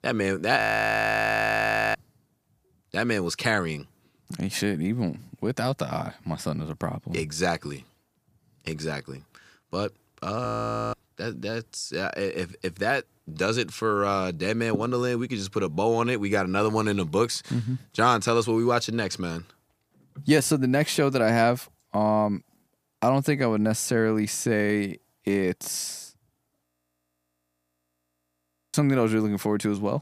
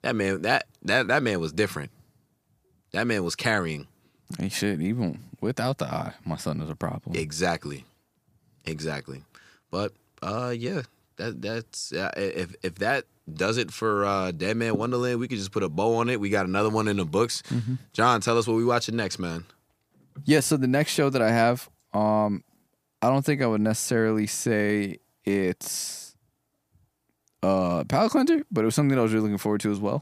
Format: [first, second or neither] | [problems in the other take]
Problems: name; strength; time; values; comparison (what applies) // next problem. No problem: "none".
second | audio freezing; at 0.5 s for 1.5 s, at 10 s and at 27 s for 2 s